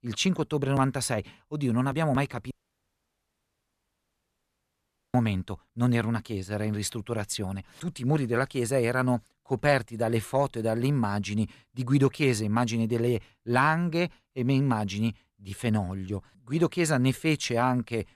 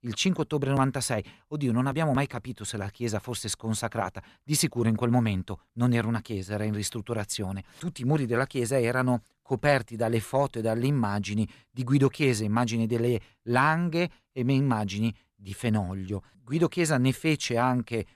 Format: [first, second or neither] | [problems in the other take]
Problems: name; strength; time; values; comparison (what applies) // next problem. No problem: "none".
second | audio cutting out; at 2.5 s for 2.5 s